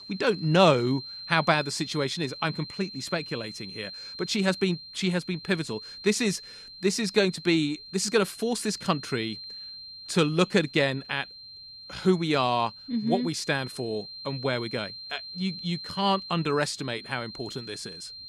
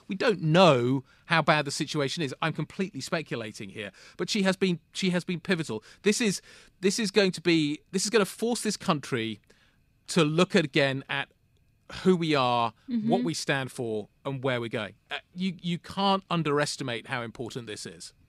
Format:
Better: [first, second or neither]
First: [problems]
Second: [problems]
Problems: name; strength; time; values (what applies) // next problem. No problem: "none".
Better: second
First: high-pitched whine; noticeable; throughout; 4 kHz, 10 dB below the speech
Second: none